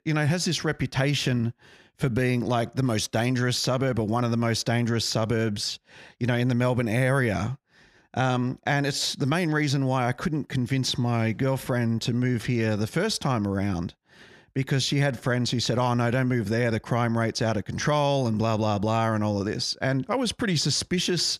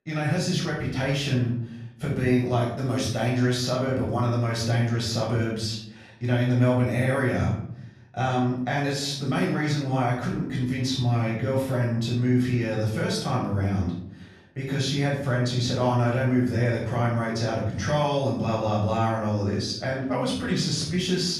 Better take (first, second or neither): first